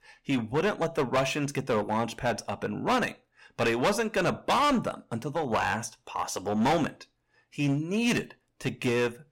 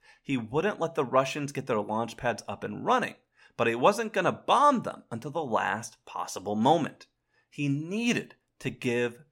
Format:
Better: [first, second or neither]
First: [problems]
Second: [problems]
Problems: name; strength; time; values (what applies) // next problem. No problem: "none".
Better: second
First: distortion; heavy; 9% of the sound clipped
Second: none